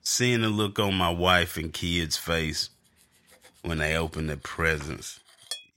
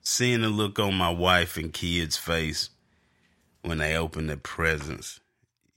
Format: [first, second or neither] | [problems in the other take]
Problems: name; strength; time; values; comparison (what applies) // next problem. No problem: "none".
second | clattering dishes; faint; from 4 s on; peak 10 dB below the speech